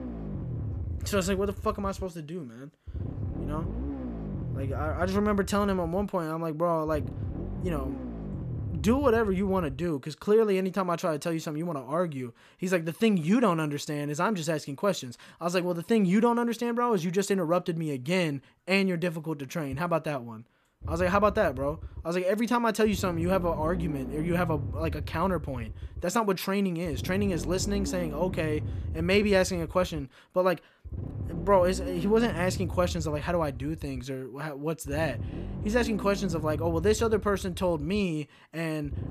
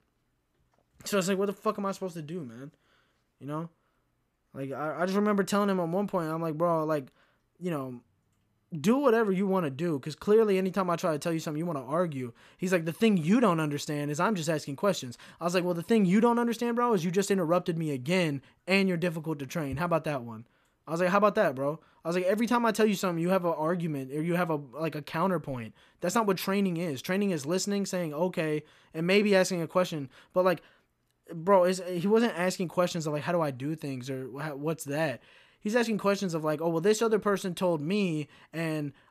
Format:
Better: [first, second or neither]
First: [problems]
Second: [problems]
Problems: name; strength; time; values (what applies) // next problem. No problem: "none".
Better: second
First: low rumble; noticeable; until 10 s and from 21 s on; 15 dB below the speech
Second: none